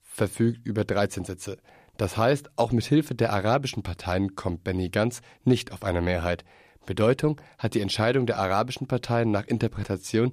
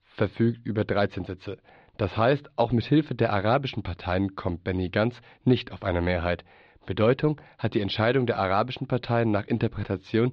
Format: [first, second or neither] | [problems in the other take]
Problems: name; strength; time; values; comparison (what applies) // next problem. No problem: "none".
first | muffled; very slightly; fading above 4 kHz